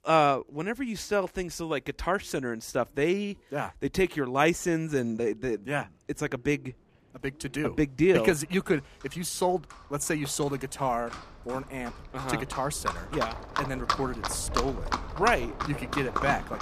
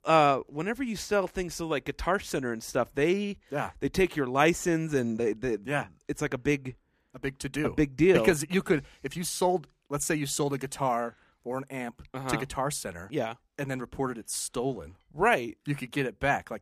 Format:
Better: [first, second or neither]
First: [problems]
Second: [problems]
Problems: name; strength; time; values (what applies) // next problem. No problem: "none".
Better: second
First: animal sounds; loud; throughout; 5 dB below the speech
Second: none